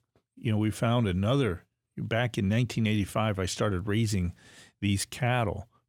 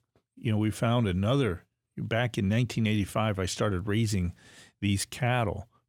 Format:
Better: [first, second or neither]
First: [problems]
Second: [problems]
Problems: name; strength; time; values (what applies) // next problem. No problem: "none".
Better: neither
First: none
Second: none